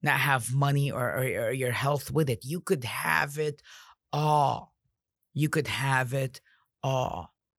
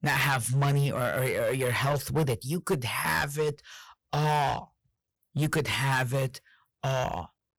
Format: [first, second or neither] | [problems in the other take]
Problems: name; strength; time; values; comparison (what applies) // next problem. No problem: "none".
first | distortion; heavy; 10% of the sound clipped